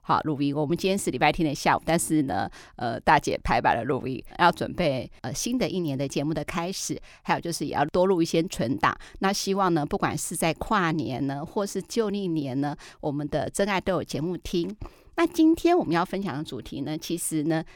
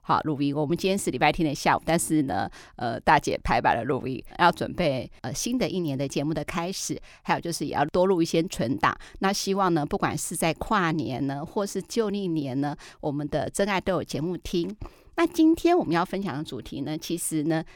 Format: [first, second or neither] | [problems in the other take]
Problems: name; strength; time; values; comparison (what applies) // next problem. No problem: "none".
neither | none